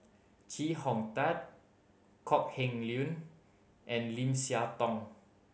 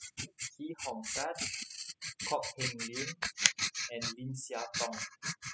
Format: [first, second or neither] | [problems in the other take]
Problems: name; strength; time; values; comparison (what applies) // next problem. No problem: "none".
first | noise reduction (classical method spectral subtraction)